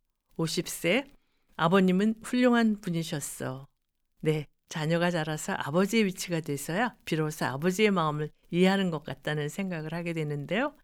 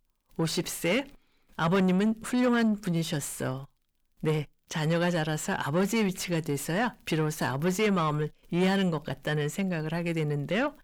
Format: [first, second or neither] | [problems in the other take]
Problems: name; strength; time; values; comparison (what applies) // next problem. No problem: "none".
first | distortion; slight; 10 dB below the speech